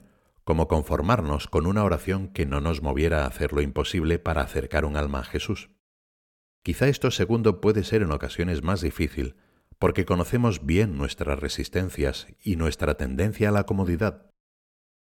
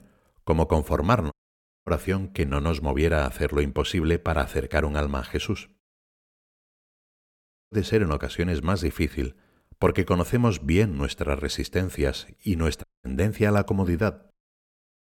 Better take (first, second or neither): first